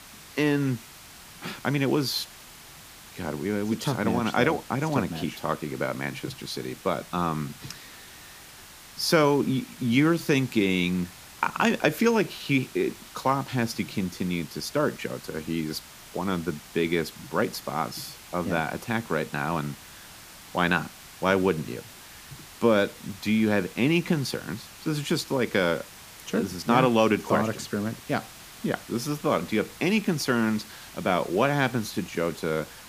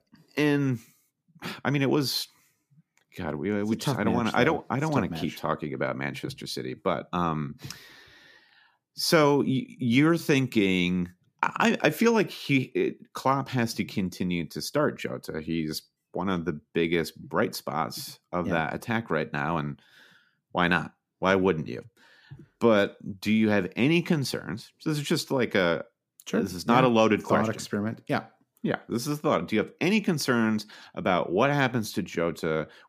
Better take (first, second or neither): second